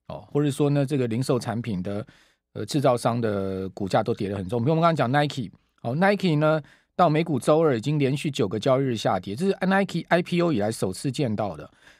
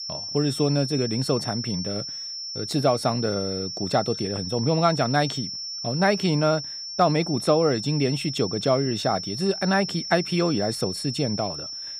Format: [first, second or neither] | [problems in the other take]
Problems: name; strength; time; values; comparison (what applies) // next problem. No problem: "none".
first | high-pitched whine; loud; throughout; 5.5 kHz, 6 dB below the speech